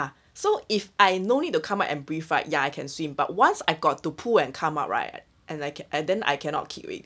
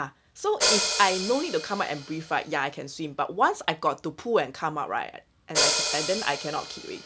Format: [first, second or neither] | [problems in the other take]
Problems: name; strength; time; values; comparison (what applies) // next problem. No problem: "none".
first | background sound (Hi-hat); 3 dB below the speech